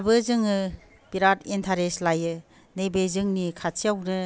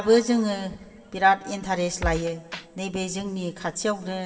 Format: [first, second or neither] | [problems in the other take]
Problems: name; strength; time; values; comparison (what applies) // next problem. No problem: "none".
first | background sound (Drum kit); 9 dB below the speech // room echo; dies away in 1.3 s